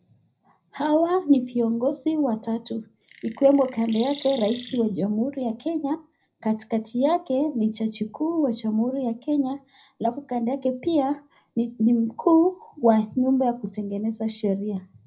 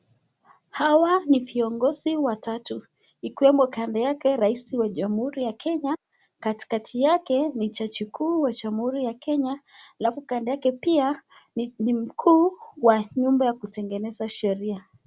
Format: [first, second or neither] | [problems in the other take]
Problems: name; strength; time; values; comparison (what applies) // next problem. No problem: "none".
second | background sound (Chirp, tweet); 18 dB below the speech // room echo; dies away in 0.4 s